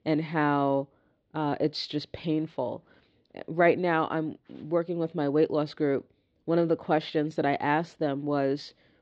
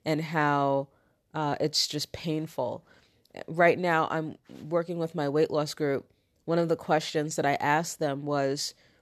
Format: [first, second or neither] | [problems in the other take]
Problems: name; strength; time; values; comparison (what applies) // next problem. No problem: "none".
second | muffled; slightly; fading above 3.5 kHz